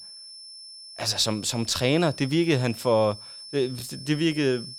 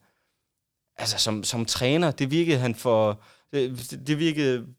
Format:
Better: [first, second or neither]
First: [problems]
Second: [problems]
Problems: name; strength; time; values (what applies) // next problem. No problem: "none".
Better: second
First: high-pitched whine; noticeable; throughout; 5.5 kHz, 15 dB below the speech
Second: none